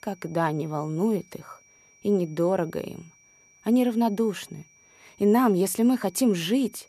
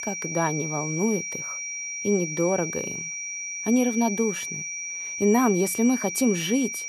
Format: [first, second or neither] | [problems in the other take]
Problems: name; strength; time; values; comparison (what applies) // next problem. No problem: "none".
first | high-pitched whine; loud; throughout; 6 kHz, 5 dB below the speech; faint in the first